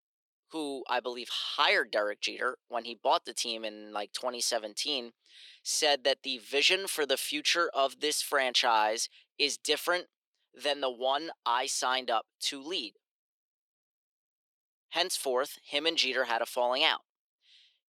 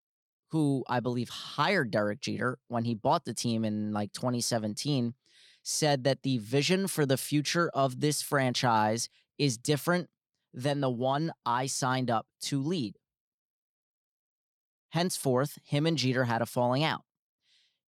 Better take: second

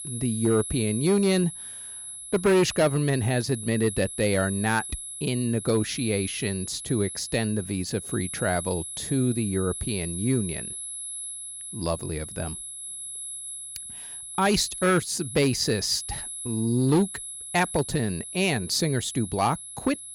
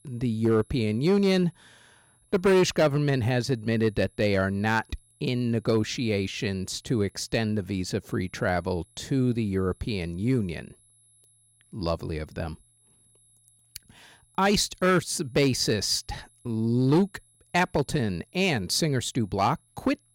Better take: second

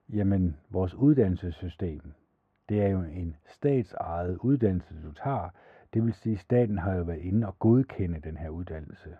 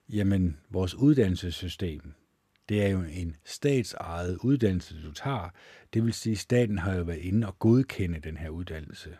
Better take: second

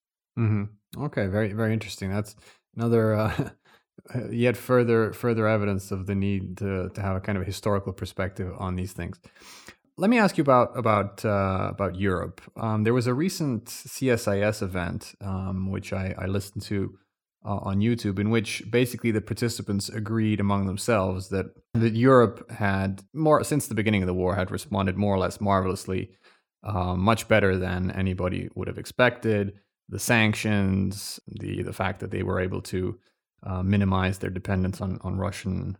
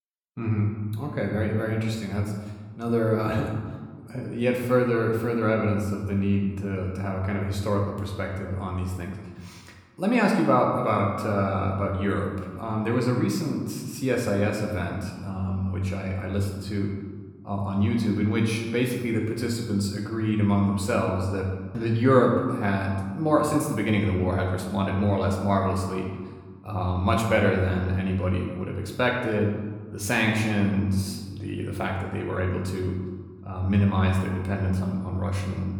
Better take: first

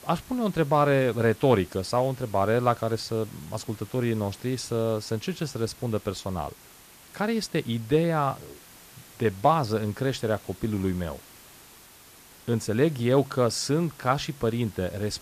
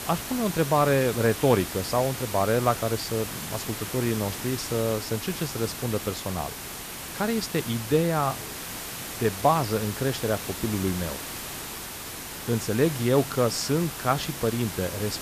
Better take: first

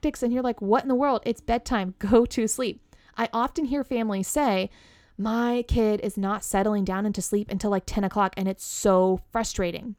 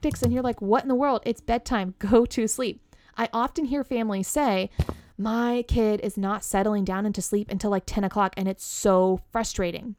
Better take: first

